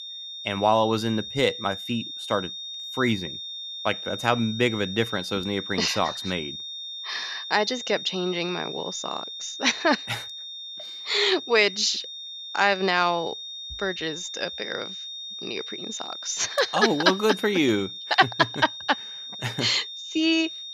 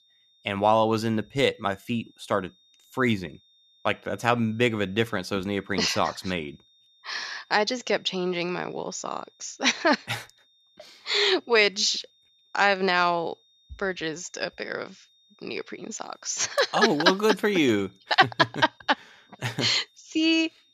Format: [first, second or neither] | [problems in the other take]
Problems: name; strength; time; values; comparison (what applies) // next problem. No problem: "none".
second | high-pitched whine; loud; throughout; 3.5 kHz, 9 dB below the speech; faint in the second